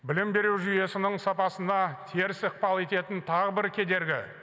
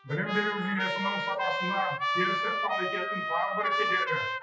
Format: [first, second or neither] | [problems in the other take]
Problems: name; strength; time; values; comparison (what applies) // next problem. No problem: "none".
first | noise reduction (classical method WPE with log-MMSE)